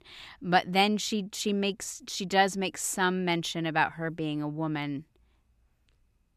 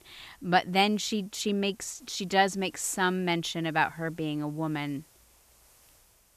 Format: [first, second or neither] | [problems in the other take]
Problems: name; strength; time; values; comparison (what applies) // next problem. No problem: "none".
first | hiss; faint; throughout; 30 dB below the speech